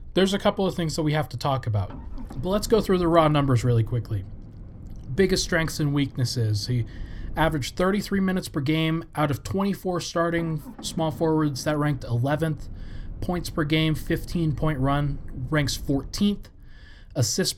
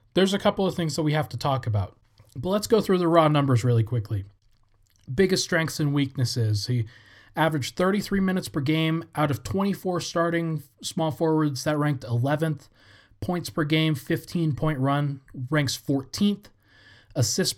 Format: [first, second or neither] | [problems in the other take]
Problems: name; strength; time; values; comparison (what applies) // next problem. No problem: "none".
second | low rumble; faint; throughout; 25 dB below the speech